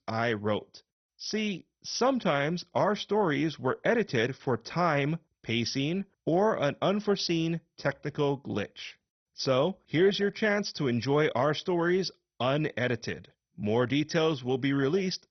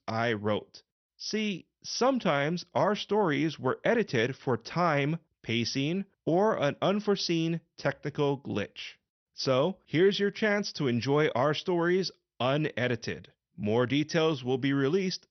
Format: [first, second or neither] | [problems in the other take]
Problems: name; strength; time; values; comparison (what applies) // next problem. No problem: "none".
second | garbled, watery; badly; nothing above 6 kHz; slightly in the second